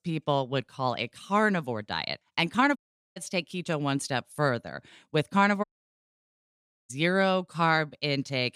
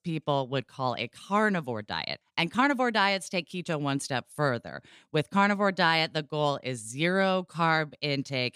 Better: second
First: audio cutting out; at 3 s and at 5.5 s for 1.5 s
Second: none

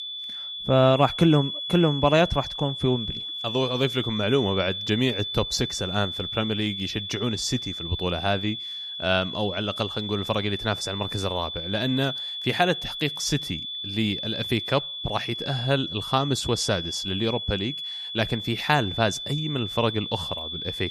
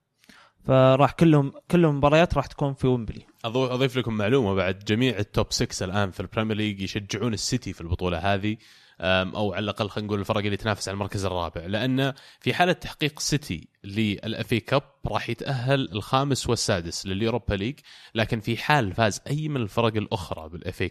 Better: second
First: high-pitched whine; loud; throughout; 3.5 kHz, 5 dB below the speech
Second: none

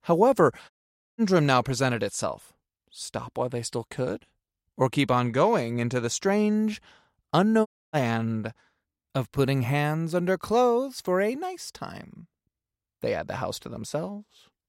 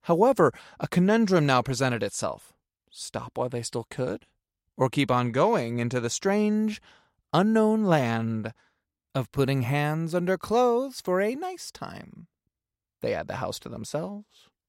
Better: second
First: audio cutting out; at 0.5 s and at 7.5 s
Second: none

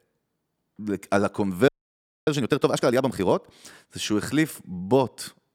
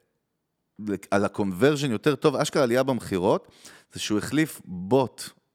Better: second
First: audio freezing; at 1.5 s for 0.5 s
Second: none

